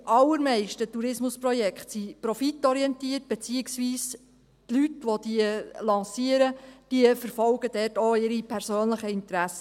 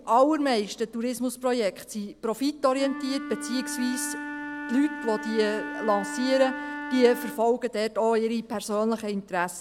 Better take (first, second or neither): first